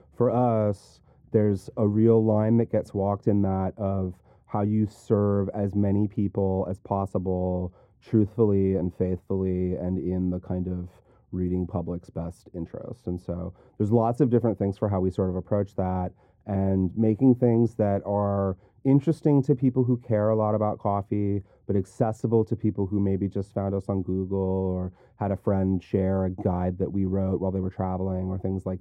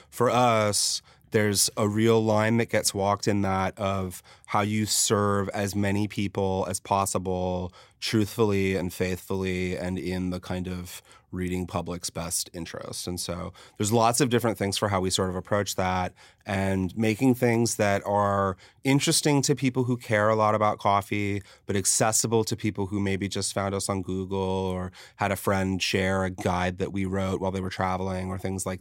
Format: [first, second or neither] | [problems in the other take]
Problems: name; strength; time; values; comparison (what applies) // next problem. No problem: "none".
second | muffled; very; fading above 1.5 kHz